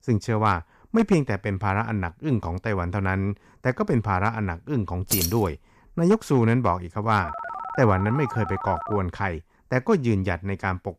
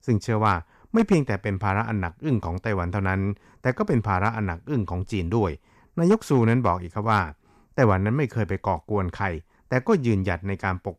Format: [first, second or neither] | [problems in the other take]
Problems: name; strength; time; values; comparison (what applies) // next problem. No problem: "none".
second | jangling keys; loud; at 5 s; peak level with the speech // phone ringing; noticeable; from 7 to 9 s; peak 8 dB below the speech